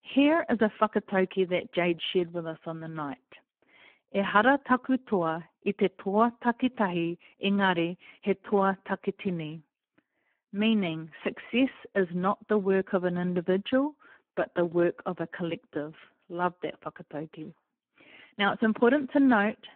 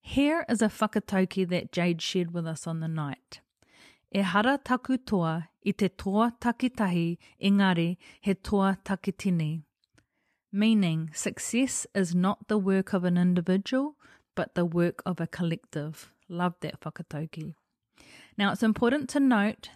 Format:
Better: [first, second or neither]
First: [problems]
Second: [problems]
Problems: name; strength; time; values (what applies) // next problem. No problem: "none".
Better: second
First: phone-call audio; poor line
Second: none